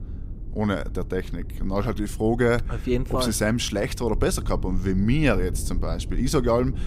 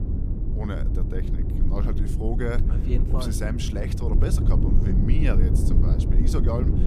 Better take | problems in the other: first | low rumble; loud; throughout; 2 dB below the speech; faint in the first

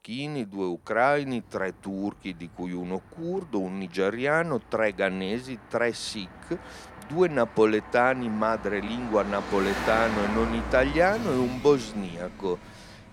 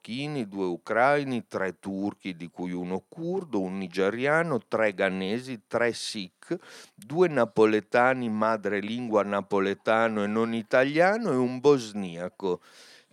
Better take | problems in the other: second | traffic noise; loud; throughout; 9 dB below the speech

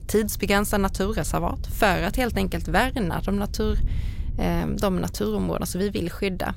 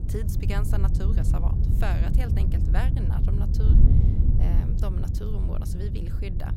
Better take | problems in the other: first | wind noise on the microphone; heavy; as loud as the speech; occasional gusts in the first

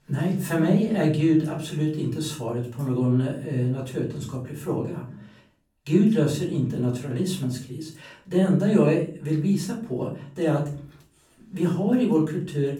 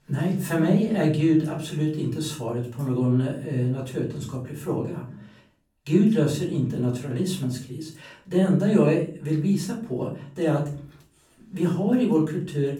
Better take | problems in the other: neither | off-mic speech; far; the same in both // room echo; slight; dies away in 0.4 s; the same in both

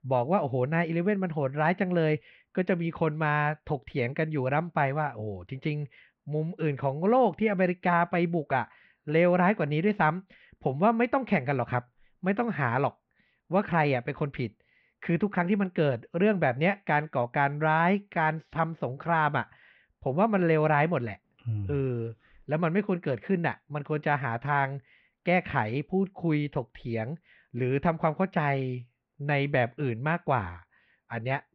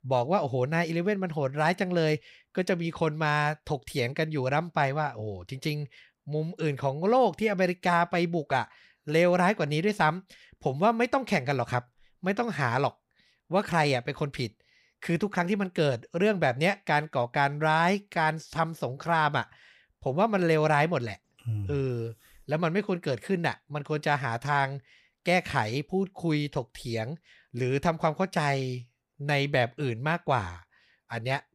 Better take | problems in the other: second | muffled; very; fading above 3 kHz

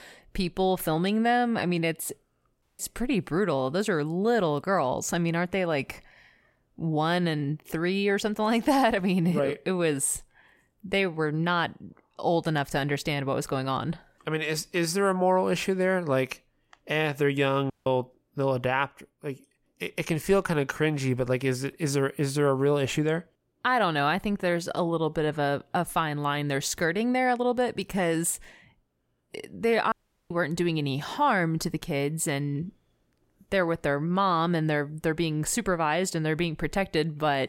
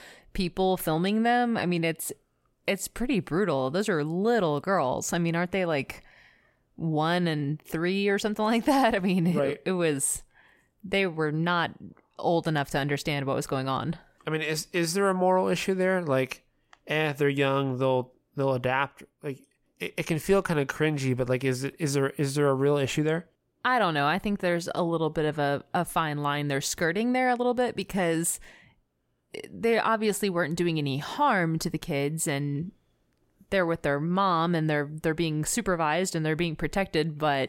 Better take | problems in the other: second | audio cutting out; at 2.5 s, at 18 s and at 30 s

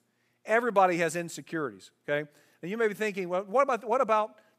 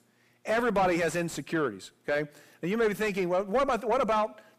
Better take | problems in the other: first | distortion; heavy; 6 dB below the speech

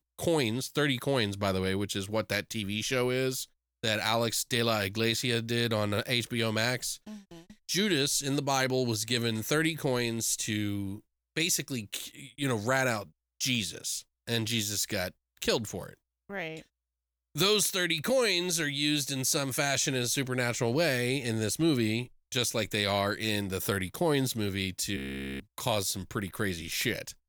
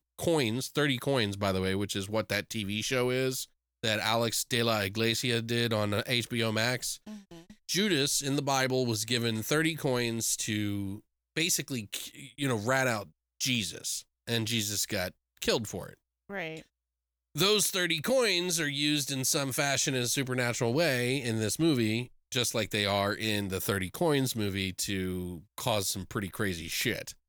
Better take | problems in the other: second | audio freezing; at 25 s

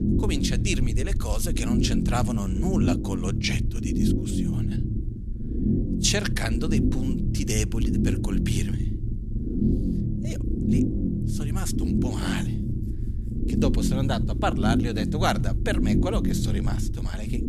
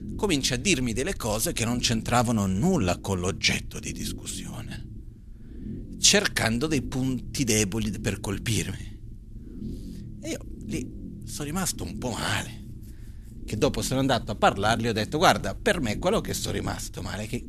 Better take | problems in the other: second | low rumble; loud; throughout; 3 dB below the speech; faint in the second

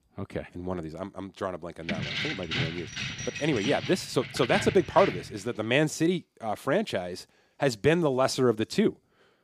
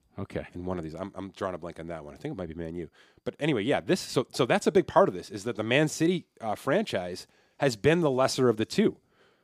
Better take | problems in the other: second | jangling keys; noticeable; from 2 to 5.5 s; peak 2 dB below the speech

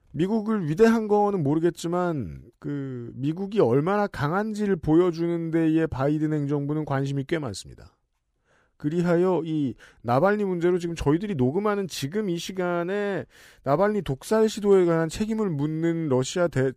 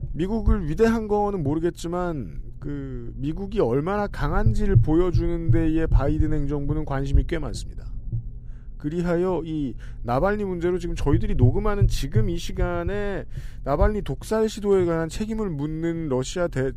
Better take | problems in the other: first | low rumble; noticeable; throughout; 15 dB below the speech

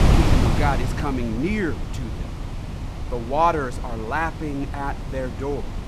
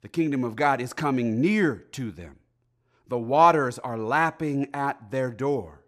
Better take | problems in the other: second | wind noise on the microphone; heavy; 8 dB below the speech

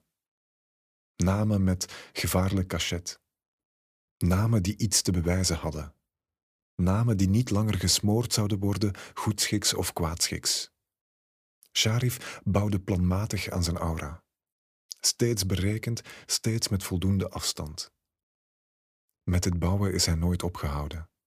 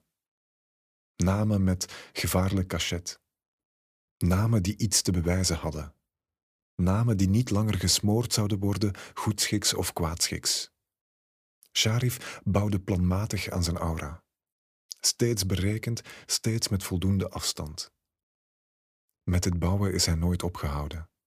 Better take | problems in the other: neither | none

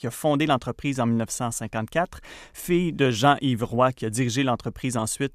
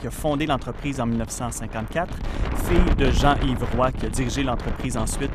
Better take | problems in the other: first | wind noise on the microphone; heavy; 8 dB below the speech

